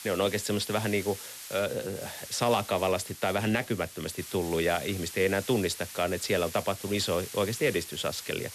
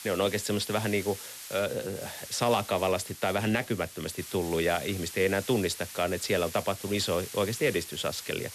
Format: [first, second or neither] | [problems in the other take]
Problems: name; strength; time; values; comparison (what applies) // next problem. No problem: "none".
neither | hiss; noticeable; throughout; 10 dB below the speech; the same in both